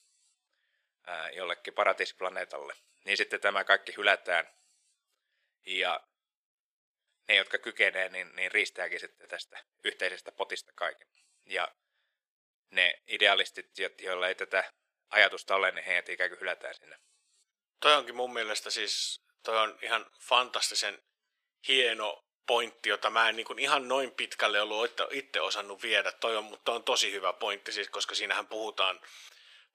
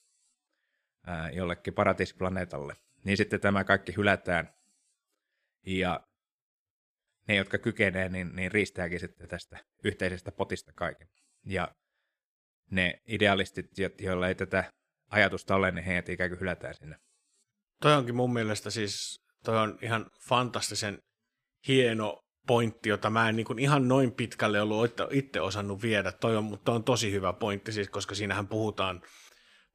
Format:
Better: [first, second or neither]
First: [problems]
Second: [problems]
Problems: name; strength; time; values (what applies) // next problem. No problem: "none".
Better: second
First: thin; very; fading below 500 Hz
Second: none